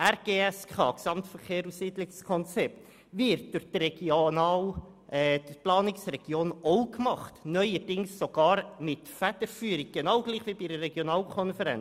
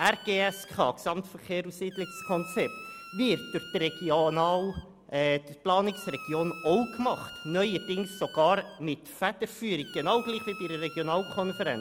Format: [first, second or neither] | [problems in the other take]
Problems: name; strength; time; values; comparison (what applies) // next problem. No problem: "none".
first | background sound (Squeak); 16 dB below the speech